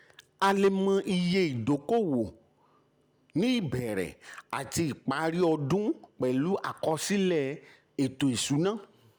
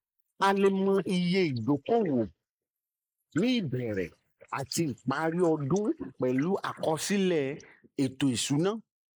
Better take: first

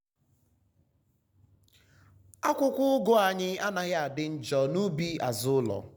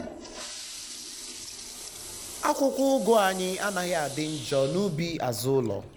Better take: first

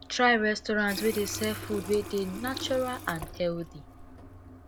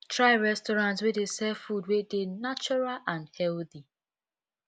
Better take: second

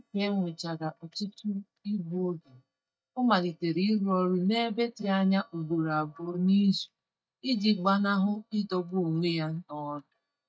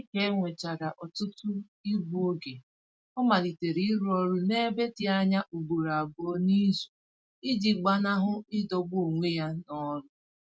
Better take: second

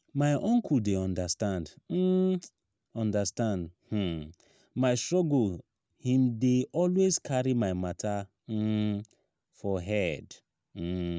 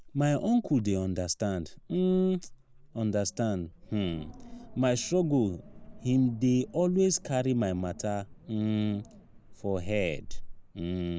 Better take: first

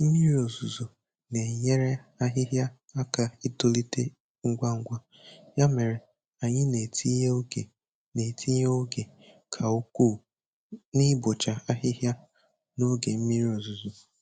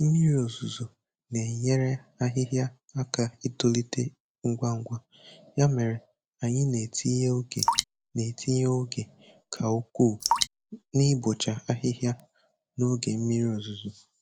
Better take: first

